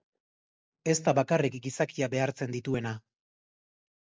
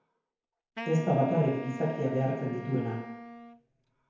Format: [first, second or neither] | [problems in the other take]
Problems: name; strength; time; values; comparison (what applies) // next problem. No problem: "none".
first | background sound (Wind instrument, woodwind instrument); 12 dB below the speech // room echo; dies away in 0.9 s